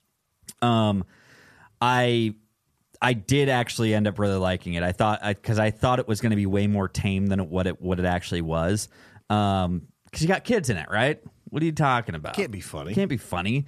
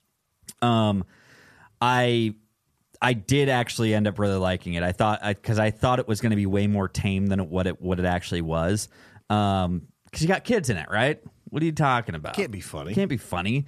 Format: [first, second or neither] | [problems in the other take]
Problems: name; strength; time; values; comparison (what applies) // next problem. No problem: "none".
neither | none